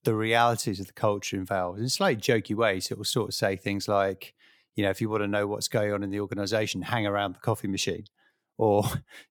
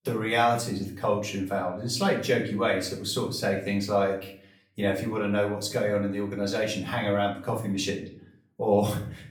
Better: first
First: none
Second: room echo; slight; dies away in 0.5 s // off-mic speech; far

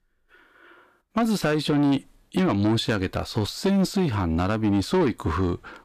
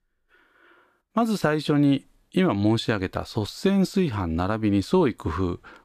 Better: second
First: distortion; slight; 10 dB below the speech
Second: none

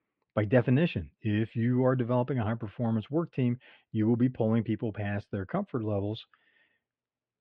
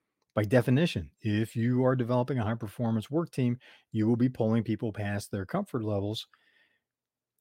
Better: second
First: muffled; very; fading above 3 kHz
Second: none

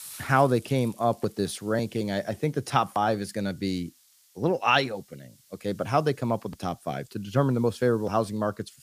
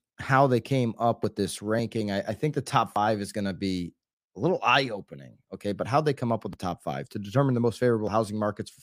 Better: second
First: hiss; faint; throughout; 25 dB below the speech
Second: none

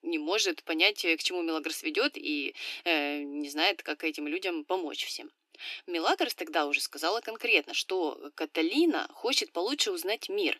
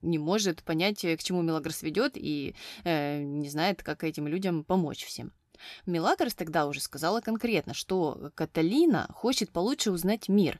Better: second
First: thin; somewhat; fading below 300 Hz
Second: none

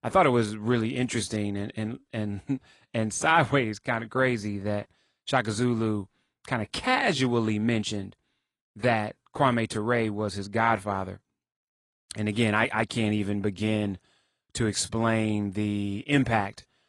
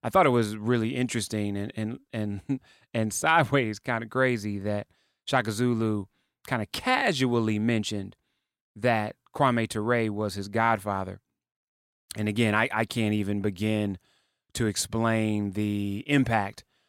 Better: second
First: garbled, watery; slightly; nothing above 10 kHz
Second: none

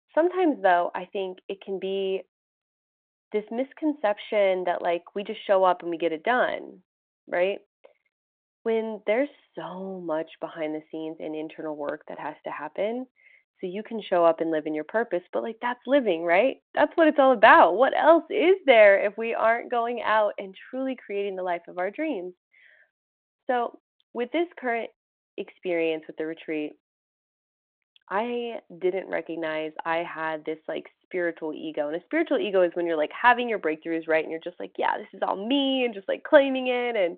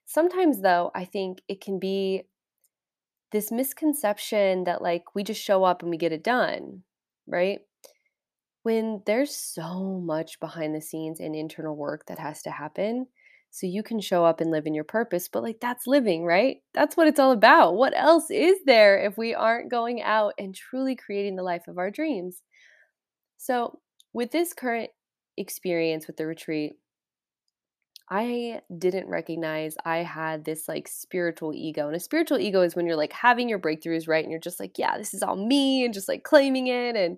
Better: second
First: phone-call audio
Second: none

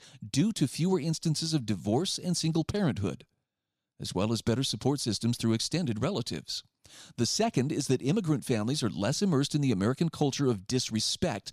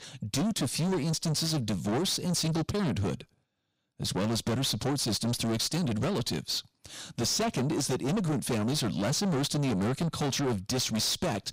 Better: first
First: none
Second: distortion; heavy; 6 dB below the speech

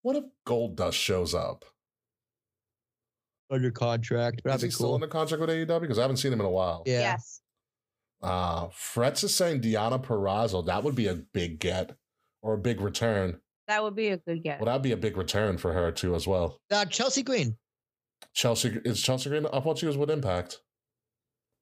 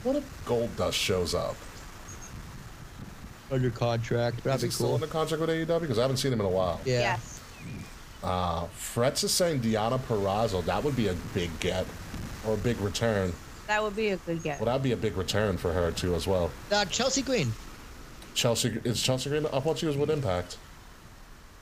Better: first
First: none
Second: wind noise on the microphone; occasional gusts; 15 dB below the speech

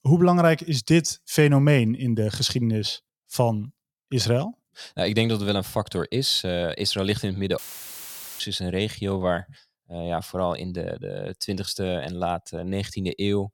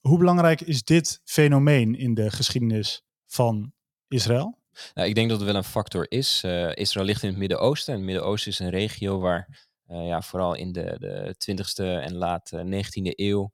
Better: second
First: audio cutting out; filled with static; at 7.5 s for 1 s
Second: none

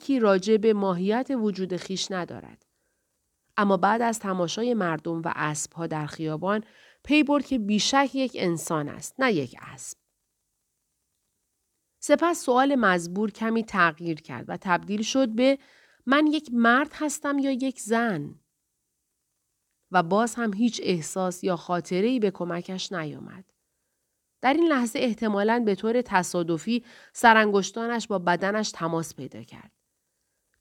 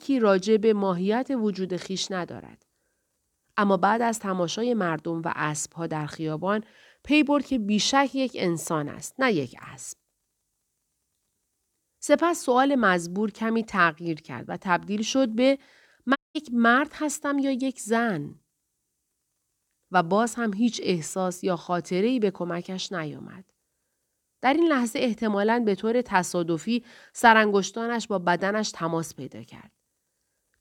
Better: first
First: none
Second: audio cutting out; at 16 s

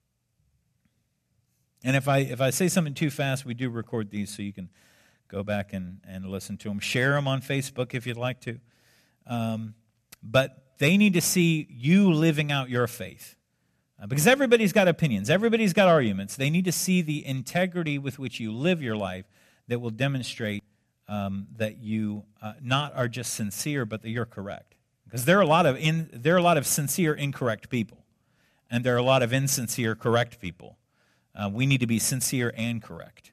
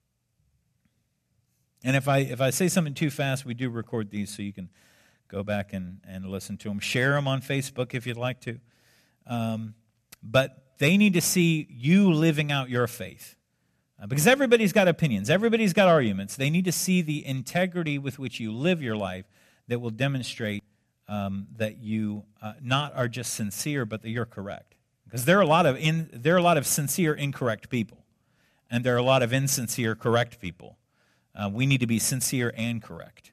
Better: neither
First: none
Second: none

